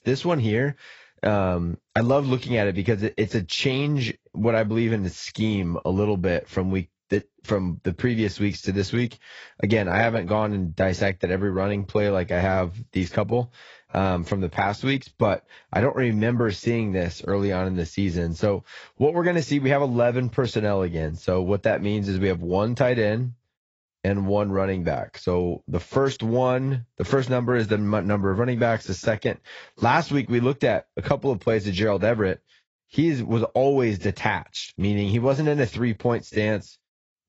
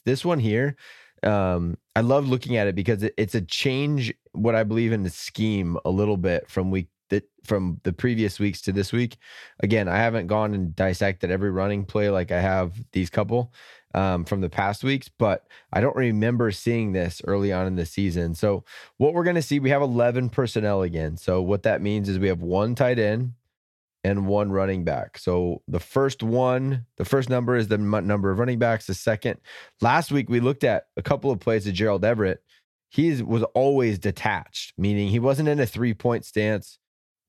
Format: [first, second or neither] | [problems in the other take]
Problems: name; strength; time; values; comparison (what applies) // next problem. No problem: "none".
second | garbled, watery; badly; nothing above 7.5 kHz